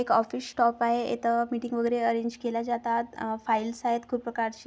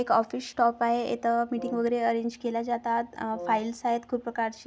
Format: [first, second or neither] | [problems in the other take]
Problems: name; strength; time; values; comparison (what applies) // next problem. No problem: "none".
first | background sound (Brass instrument); 16 dB below the speech